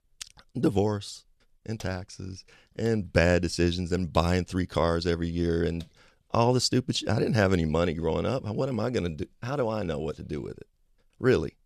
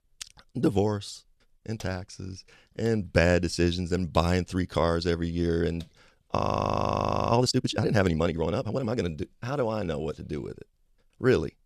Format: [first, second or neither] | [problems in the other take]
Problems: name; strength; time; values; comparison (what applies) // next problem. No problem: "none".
first | audio freezing; at 6.5 s for 1 s